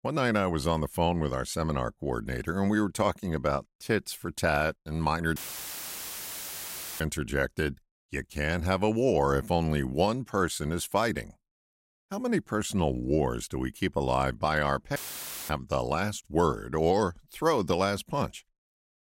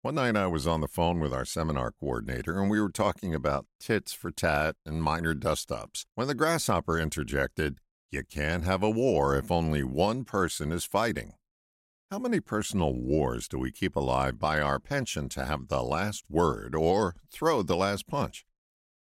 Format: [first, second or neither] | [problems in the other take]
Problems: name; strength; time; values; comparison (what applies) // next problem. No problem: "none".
second | audio cutting out; filled with static; at 5.5 s for 1.5 s and at 15 s for 0.5 s